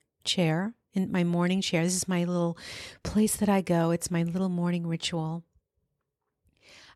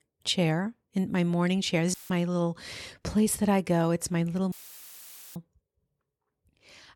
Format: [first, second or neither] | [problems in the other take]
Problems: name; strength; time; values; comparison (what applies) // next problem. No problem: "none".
first | audio cutting out; filled with static; at 2 s and at 4.5 s for 1 s